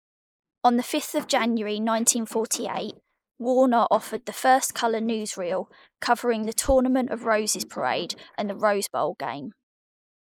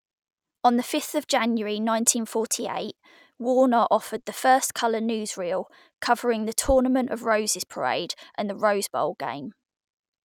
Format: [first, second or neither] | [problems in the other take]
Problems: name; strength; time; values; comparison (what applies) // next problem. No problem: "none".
second | noise reduction (neural mask model Resemble Enhance denoiser)